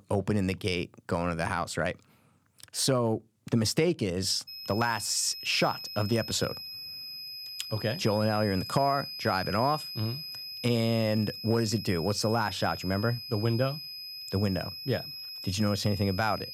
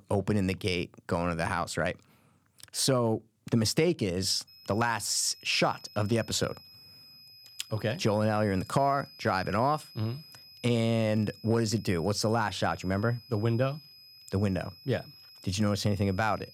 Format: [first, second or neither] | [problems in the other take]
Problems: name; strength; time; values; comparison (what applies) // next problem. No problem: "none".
second | high-pitched whine; loud; from 4.5 s on; 5 kHz, 9 dB below the speech; faint in the second